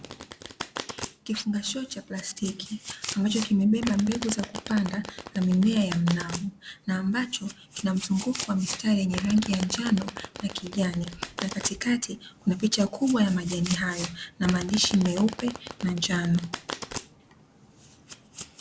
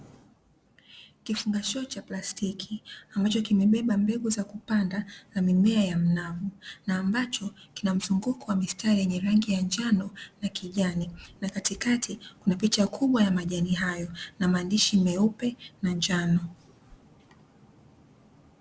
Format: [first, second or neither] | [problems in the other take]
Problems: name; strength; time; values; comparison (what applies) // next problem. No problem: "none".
second | background sound (Domestic sounds, home sounds); 12 dB below the speech